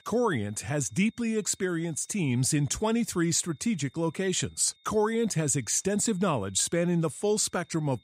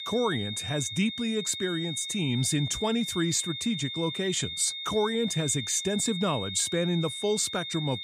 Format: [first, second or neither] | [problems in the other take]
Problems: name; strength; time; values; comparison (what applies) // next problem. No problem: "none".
first | high-pitched whine; loud; throughout; 3.5 kHz, 6 dB below the speech; faint in the first